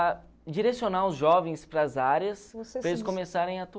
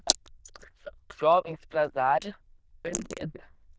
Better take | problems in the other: first | noise reduction (neural diffusion model UNIVERSE++)

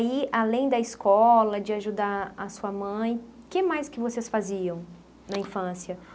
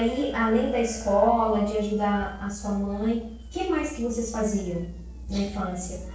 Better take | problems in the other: first | noise reduction (neural separator model SepFormer DNS4)

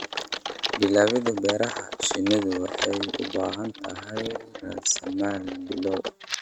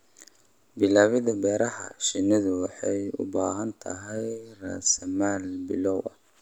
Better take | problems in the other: second | noise reduction (neural mask model RNNoise)

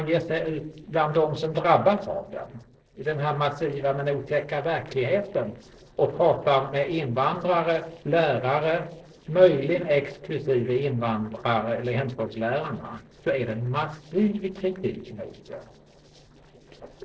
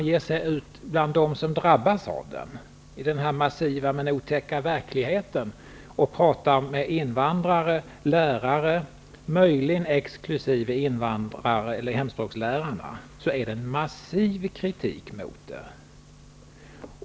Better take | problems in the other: second | noise reduction (neural separator model SepFormer DNS4)

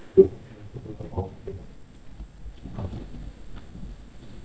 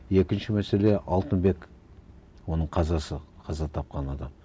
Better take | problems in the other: second | noise reduction (neural mask model DeepFilterNet 3)

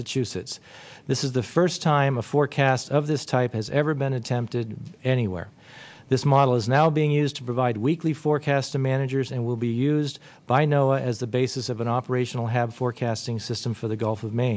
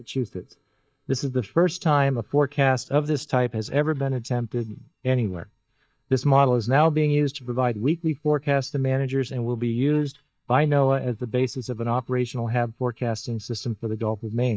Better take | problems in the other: first | noise reduction (neural mask model DeepFilterNet 3)

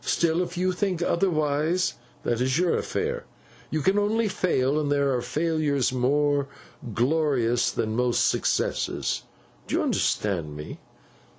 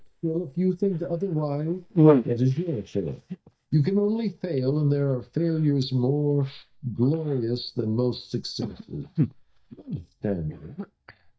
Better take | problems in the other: first | noise reduction (neural mask model DeepFilterNet 3)

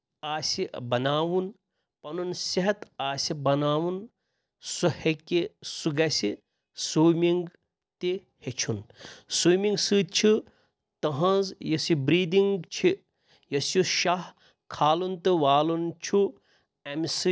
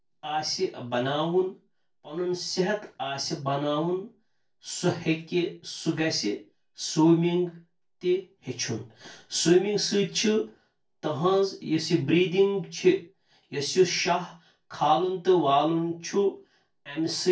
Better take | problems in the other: first | room echo; dies away in 0.2 s

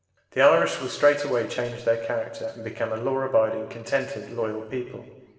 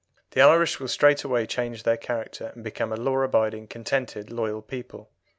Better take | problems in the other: second | room echo; dies away in 1.4 s

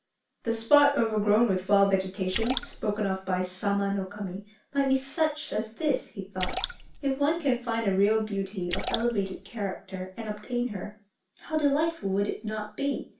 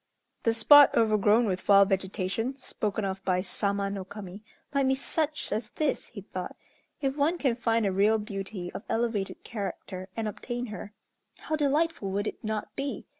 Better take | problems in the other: second | background sound (Splash, splatter); 8 dB below the speech // room echo; dies away in 0.3 s

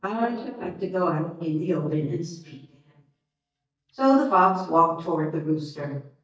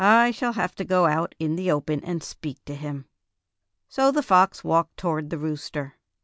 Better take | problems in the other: second | noise reduction (neural mask model DeepFilterNet 3)

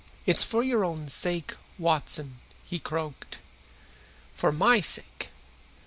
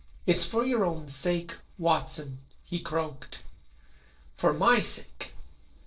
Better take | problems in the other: first | noise reduction (neural separator model SepFormer DNS4)

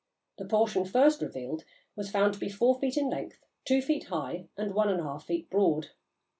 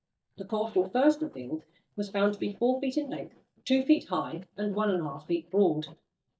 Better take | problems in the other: first | noise reduction (neural mask model DeepFilterNet 3)

